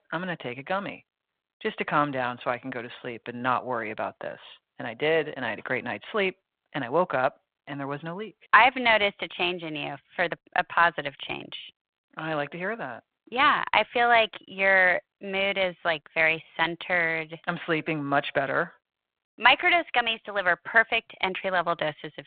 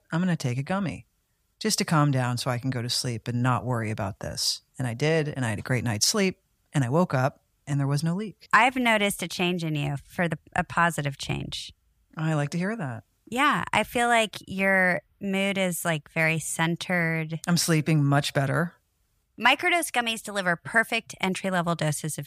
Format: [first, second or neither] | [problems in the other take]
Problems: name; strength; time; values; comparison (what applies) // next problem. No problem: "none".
second | phone-call audio